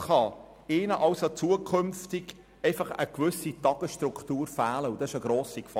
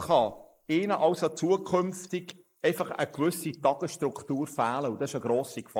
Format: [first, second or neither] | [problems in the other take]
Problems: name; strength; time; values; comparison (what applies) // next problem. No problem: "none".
first | noise reduction (neural mask model Resemble Enhance denoiser)